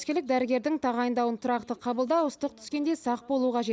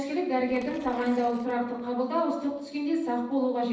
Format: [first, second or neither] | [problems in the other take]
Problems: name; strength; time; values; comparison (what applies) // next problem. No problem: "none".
first | noise reduction (neural separator model SepFormer DNS4)